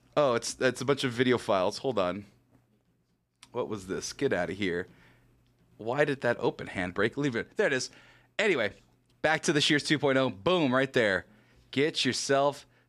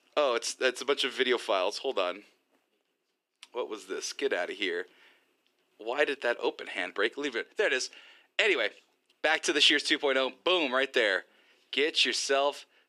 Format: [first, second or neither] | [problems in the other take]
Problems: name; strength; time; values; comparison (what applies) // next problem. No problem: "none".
first | thin; somewhat; fading below 350 Hz